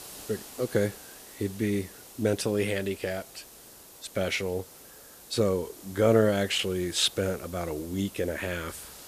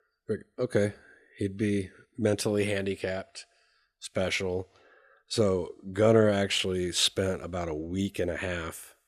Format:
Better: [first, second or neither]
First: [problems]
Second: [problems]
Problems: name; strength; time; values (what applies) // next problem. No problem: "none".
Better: second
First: hiss; noticeable; throughout; 15 dB below the speech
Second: none